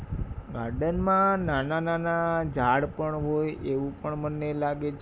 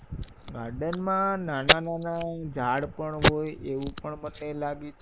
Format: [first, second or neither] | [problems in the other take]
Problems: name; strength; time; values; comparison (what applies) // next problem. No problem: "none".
first | noise reduction (neural mask model Resemble Enhance denoiser)